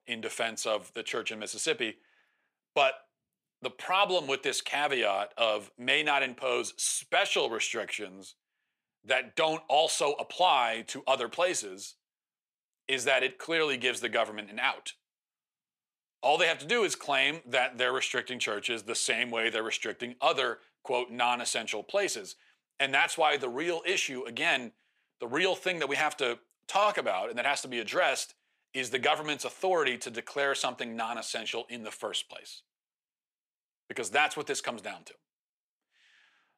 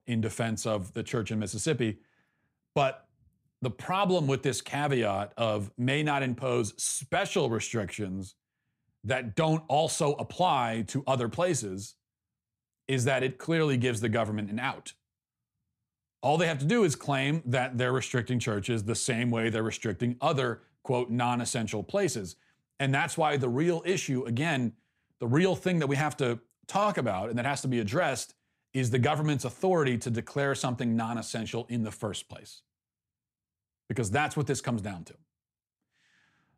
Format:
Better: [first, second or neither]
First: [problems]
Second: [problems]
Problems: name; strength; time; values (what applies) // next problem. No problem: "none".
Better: second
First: thin; very; fading below 500 Hz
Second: none